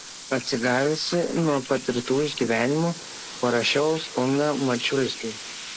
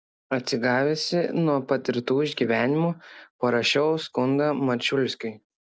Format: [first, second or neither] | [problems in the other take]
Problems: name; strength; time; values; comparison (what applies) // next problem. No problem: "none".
second | noise reduction (neural mask model Resemble Enhance denoiser)